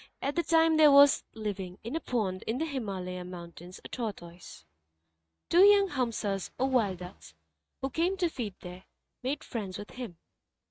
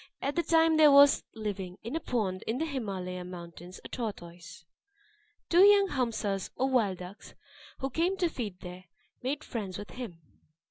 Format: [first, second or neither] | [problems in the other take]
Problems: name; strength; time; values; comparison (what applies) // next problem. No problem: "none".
second | noise reduction (neural mask model RNNoise)